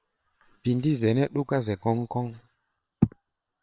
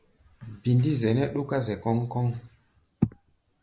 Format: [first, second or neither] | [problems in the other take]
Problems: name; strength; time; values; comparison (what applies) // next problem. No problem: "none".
second | noise reduction (neural separator model SepFormer WHAM!)